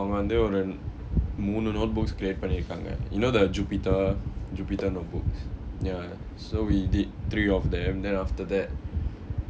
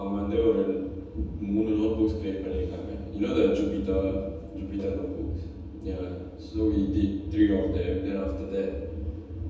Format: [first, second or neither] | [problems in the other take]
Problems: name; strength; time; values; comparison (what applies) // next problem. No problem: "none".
first | room echo; dies away in 1.1 s